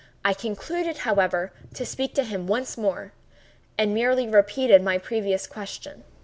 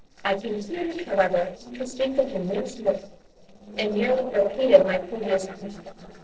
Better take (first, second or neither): first